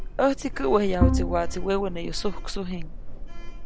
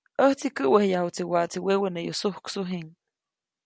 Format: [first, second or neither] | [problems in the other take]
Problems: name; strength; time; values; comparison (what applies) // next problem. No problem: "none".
second | background sound (Sliding door + Bowed string instrument); as loud as the speech